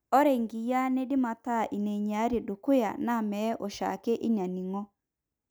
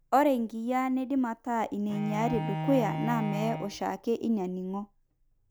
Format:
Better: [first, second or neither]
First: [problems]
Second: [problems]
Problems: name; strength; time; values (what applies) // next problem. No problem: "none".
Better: first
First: none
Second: background sound (Bowed string instrument); 8 dB below the speech